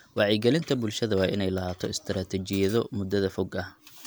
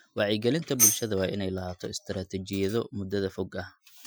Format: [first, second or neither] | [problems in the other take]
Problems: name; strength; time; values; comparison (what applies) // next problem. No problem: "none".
first | noise reduction (classical method Wiener filter)